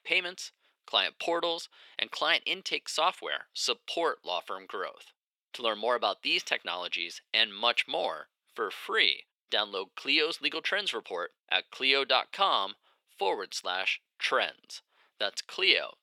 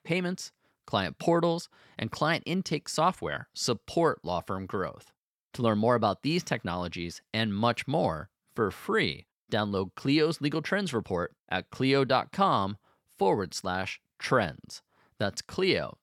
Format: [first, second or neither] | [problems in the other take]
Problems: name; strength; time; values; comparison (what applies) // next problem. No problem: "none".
second | thin; very; fading below 400 Hz